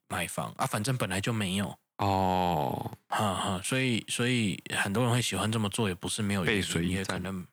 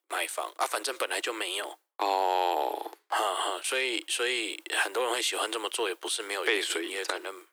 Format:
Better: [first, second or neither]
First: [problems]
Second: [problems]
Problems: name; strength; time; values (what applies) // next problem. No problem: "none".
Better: first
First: none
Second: thin; very; fading below 300 Hz